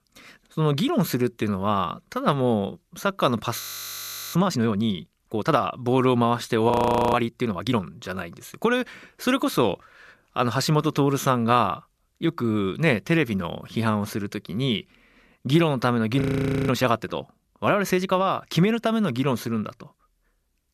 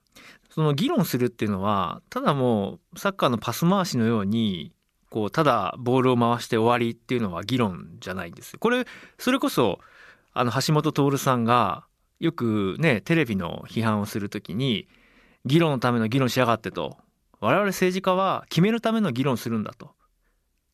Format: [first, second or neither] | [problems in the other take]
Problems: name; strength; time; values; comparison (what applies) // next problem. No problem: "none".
second | audio freezing; at 3.5 s for 0.5 s, at 6.5 s and at 16 s